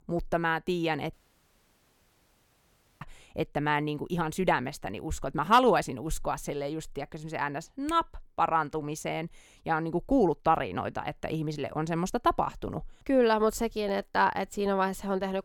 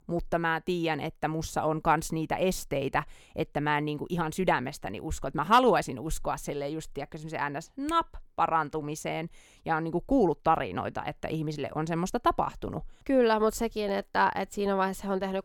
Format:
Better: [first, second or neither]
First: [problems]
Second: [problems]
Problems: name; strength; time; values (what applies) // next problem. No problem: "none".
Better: second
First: audio cutting out; at 1 s for 2 s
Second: none